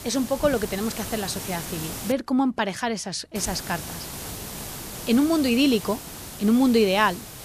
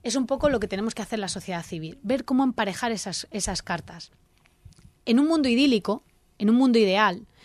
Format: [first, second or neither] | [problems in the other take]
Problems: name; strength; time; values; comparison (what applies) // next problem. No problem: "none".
second | hiss; noticeable; until 2 s and from 3.5 s on; 10 dB below the speech